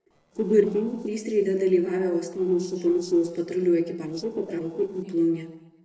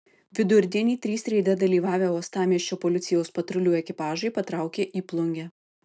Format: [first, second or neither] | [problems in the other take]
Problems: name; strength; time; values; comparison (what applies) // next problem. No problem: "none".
second | noise reduction (neural separator model SepFormer DNS4)